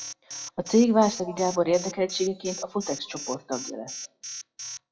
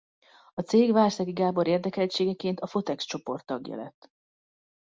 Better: second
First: noise reduction (classical method WPE with log-MMSE)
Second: none

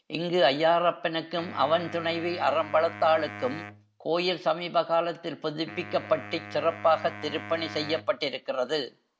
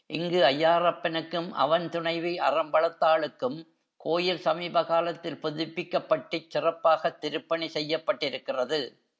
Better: second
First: background sound (Wind instrument, woodwind instrument); 16 dB below the speech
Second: none

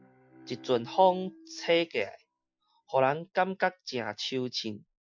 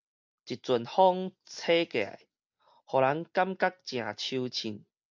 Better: second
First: noise reduction (classical method Wiener filter)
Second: none

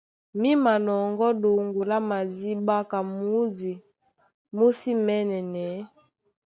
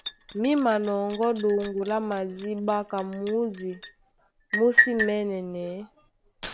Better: first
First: none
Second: background sound (Liquid); 5 dB below the speech

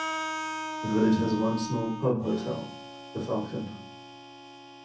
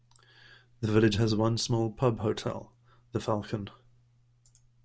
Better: second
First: background sound (Harmonica); 7 dB below the speech // room echo; dies away in 0.6 s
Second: none

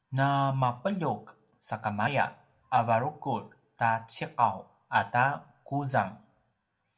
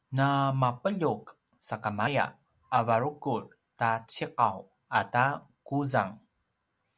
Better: second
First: room echo; dies away in 0.3 s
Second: none

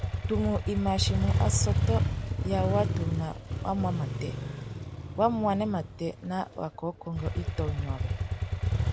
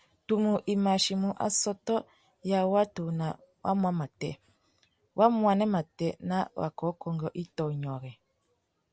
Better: second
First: background sound (Motorcycle); 2 dB above the speech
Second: none

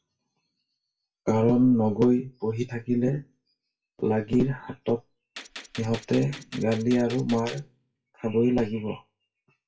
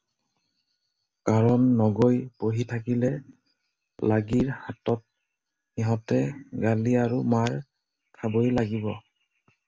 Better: second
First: noise reduction (classical method WPE with log-MMSE)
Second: none

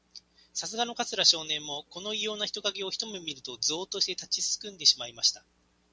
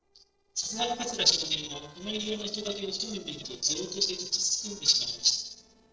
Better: first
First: none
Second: noise reduction (neural separator model SepFormer DNS4)

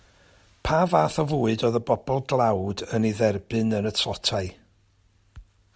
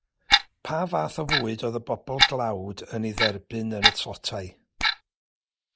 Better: first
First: none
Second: noise reduction (neural mask model Resemble Enhance denoiser)

